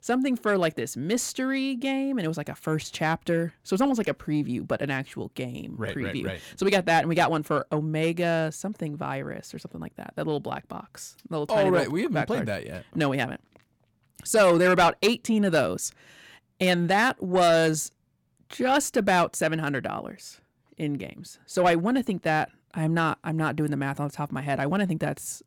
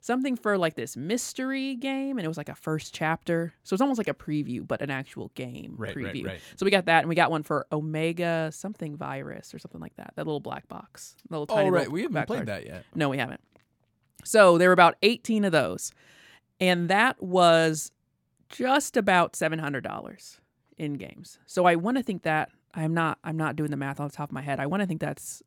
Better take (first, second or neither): second